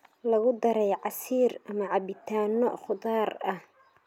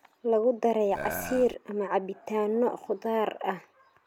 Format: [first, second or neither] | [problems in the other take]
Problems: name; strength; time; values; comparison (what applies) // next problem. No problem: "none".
first | background sound (Burping, eructation); 8 dB below the speech